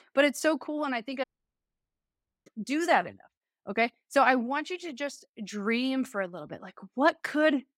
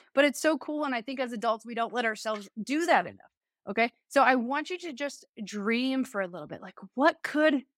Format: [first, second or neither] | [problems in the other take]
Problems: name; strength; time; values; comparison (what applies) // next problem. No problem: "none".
second | audio cutting out; at 1 s for 1 s